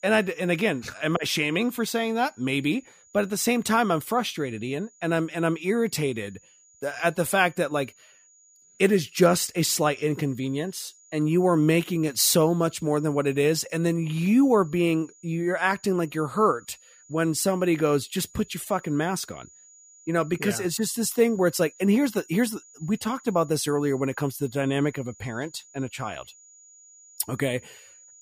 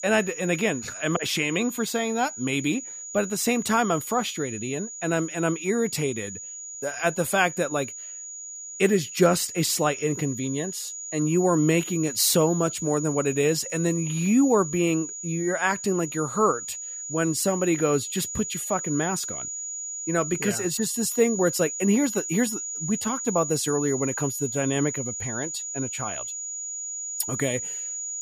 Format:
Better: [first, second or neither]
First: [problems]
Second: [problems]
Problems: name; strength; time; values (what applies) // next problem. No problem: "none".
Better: first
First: high-pitched whine; faint; throughout; 7 kHz, 25 dB below the speech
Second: high-pitched whine; loud; throughout; 7 kHz, 7 dB below the speech